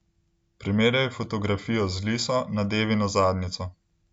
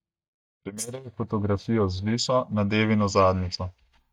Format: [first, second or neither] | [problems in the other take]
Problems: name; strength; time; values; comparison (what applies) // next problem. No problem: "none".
first | noise reduction (neural mask model DeepFilterNet 3)